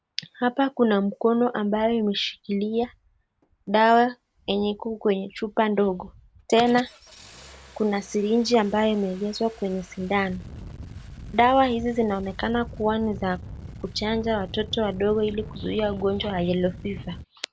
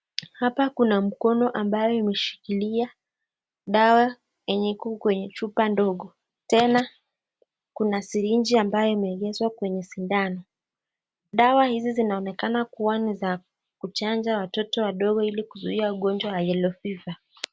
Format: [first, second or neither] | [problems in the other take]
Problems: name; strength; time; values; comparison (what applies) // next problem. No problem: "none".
second | background sound (Engine starting); 17 dB below the speech